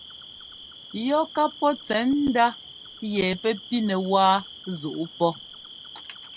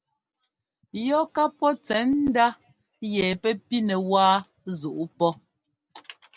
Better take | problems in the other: second | background sound (Cricket); 17 dB below the speech

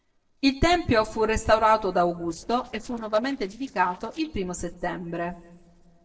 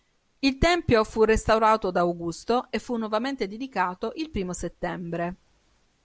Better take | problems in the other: second | noise reduction (neural separator model SepFormer DNS4)

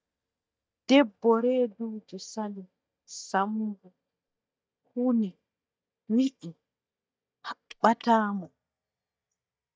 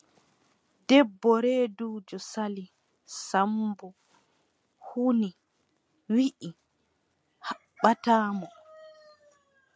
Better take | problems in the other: second | noise reduction (neural mask model DeepFilterNet 3)

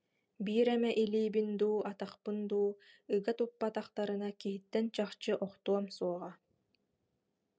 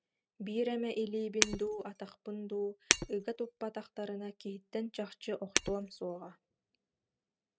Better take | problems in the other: first | noise reduction (neural mask model RNNoise)

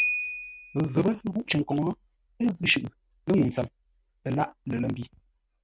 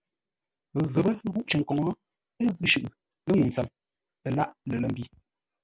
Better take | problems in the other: second | background sound (Piano); 10 dB below the speech

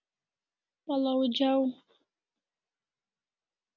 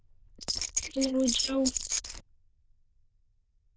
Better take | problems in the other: first | noise reduction (neural diffusion model UNIVERSE++)

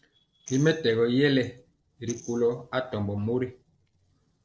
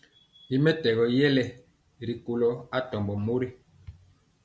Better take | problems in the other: second | noise reduction (neural separator model SepFormer DNS4)

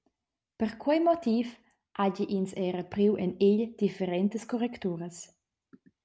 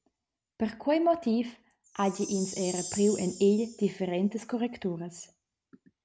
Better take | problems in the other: first | background sound (Chime); 15 dB below the speech

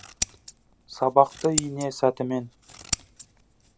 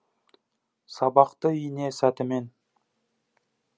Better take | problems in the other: second | background sound (Scissors); 8 dB below the speech

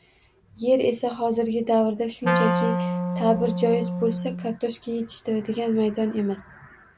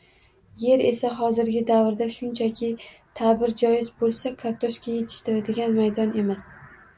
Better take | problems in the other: second | background sound (Wind instrument, woodwind instrument); 1 dB below the speech

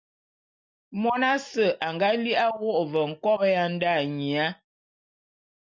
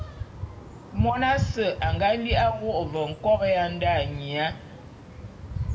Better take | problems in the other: first | background sound (Dog); 5 dB below the speech // room echo; dies away in 1.1 s

